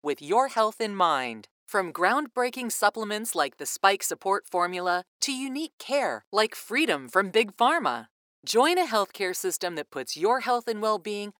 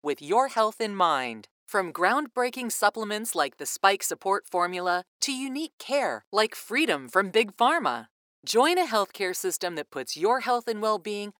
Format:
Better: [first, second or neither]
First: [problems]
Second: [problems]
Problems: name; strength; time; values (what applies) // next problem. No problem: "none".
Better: neither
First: thin; somewhat; fading below 400 Hz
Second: thin; somewhat; fading below 400 Hz